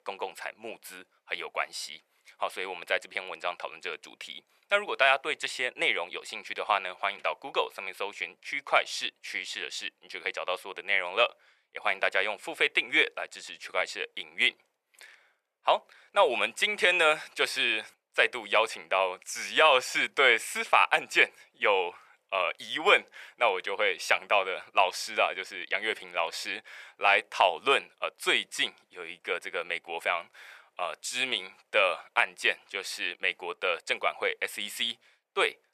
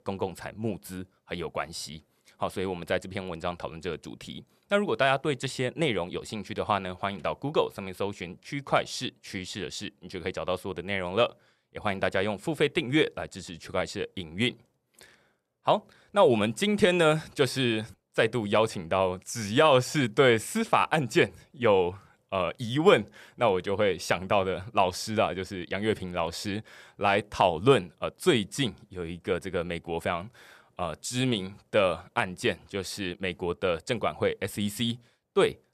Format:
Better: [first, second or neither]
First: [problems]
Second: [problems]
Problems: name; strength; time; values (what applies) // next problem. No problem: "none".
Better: second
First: thin; very; fading below 700 Hz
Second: none